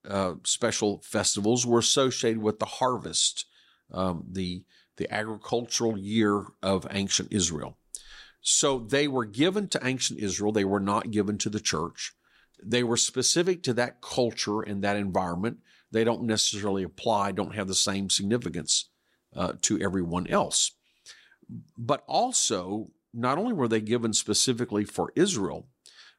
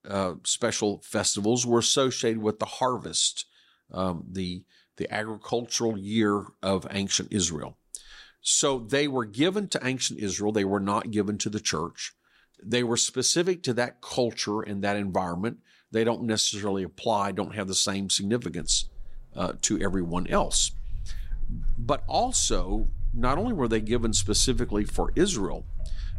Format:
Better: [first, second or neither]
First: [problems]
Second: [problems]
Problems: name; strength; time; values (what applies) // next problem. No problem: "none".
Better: first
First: none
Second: footsteps; noticeable; from 19 s on; peak 9 dB below the speech